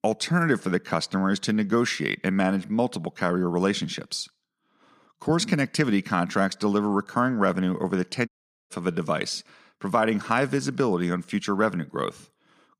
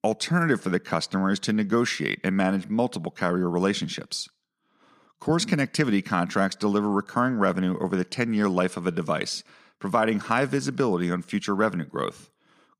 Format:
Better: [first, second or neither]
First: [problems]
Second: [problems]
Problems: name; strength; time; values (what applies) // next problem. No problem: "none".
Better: second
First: audio cutting out; at 8.5 s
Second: none